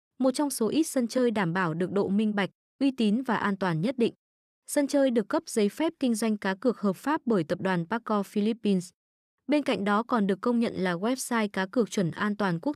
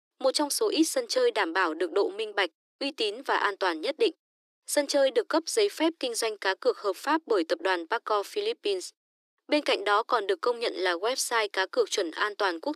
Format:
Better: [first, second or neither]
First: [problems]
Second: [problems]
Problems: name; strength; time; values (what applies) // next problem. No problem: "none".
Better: first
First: none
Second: thin; very; fading below 300 Hz